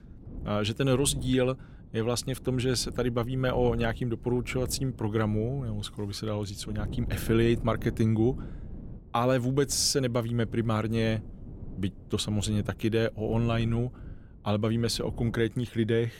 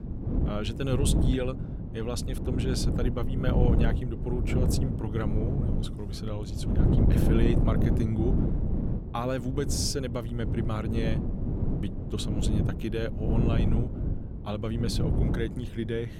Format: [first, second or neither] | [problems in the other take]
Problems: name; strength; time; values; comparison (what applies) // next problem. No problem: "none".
first | wind noise on the microphone; heavy; 2 dB below the speech; occasional gusts in the first